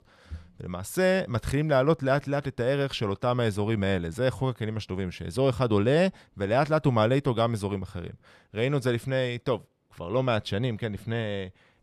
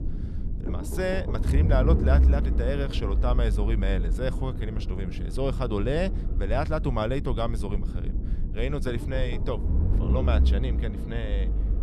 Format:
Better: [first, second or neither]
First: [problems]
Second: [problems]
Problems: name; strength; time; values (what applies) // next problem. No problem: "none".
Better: first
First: none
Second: low rumble; loud; throughout; 9 dB below the speech